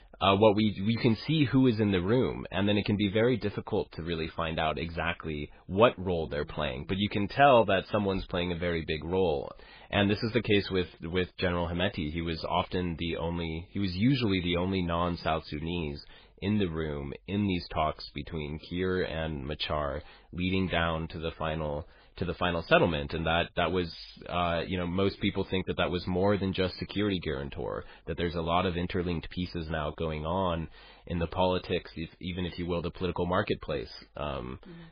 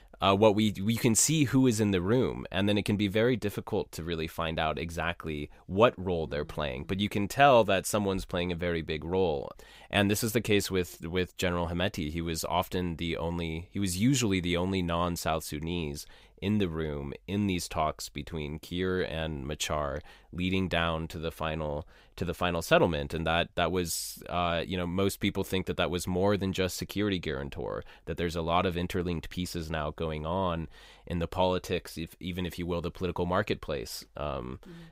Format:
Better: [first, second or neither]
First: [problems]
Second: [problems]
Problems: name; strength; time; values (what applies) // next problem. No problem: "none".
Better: second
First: garbled, watery; badly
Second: none